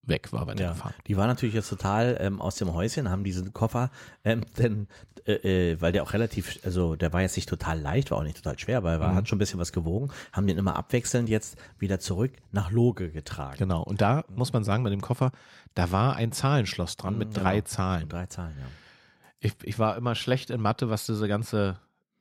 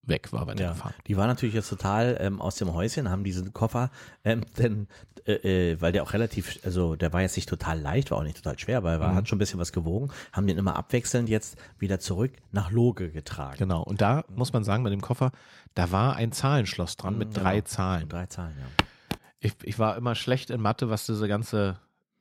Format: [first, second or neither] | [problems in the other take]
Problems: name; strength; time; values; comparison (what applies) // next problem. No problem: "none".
first | footsteps; very faint; at 19 s; peak 1 dB above the speech